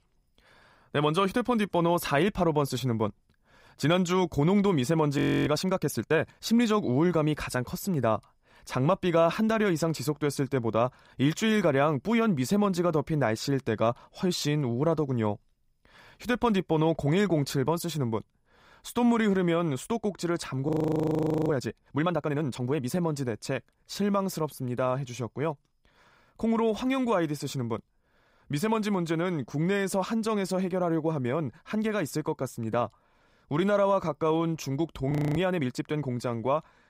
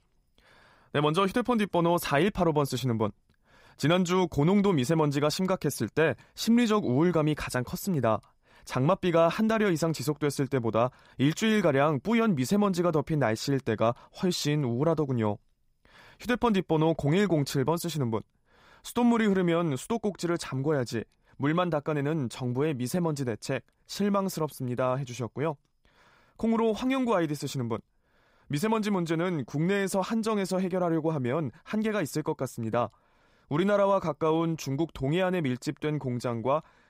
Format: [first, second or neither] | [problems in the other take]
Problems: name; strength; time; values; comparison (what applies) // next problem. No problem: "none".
second | audio freezing; at 5 s, at 21 s for 1 s and at 35 s